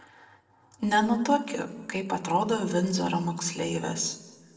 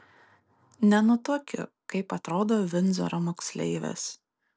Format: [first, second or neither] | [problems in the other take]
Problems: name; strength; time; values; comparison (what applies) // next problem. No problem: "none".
second | room echo; dies away in 1 s